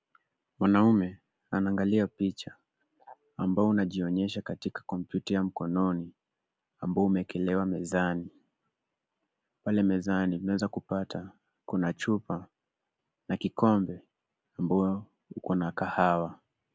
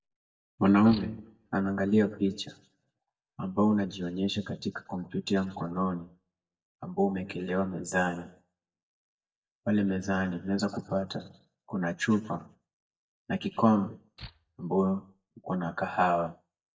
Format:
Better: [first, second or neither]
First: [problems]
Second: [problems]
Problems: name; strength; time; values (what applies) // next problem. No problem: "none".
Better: first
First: none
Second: noise reduction (neural mask model DeepFilterNet 3)